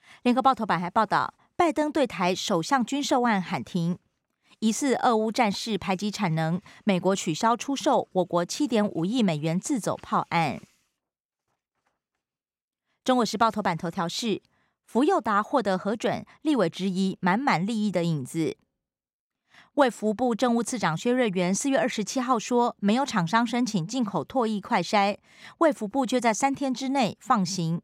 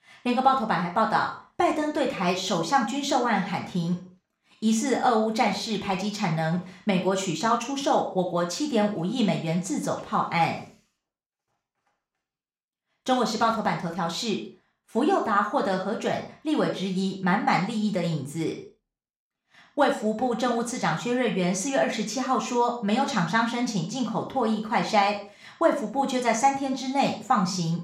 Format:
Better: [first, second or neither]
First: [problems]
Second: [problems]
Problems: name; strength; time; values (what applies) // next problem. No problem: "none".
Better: first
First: none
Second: room echo; noticeable; dies away in 0.4 s // off-mic speech; somewhat distant